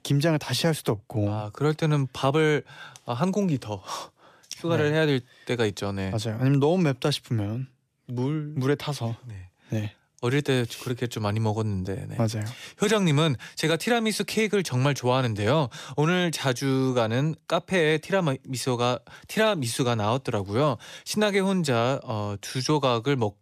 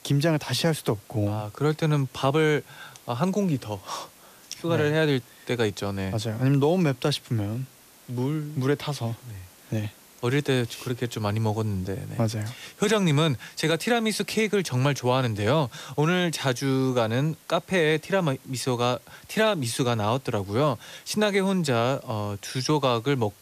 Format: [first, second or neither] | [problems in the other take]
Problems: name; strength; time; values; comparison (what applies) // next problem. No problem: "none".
first | hiss; faint; throughout; 25 dB below the speech